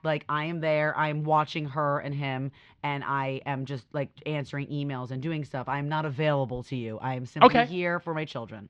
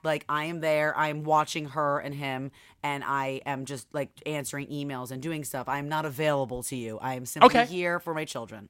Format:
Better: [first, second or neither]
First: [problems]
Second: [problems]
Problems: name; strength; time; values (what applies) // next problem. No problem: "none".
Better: second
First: muffled; very slightly; fading above 4.5 kHz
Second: none